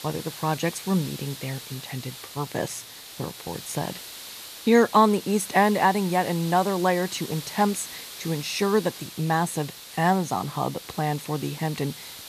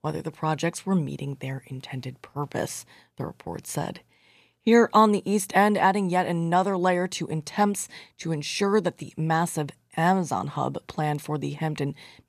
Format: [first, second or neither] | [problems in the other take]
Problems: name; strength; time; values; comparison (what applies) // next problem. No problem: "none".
second | hiss; noticeable; throughout; 15 dB below the speech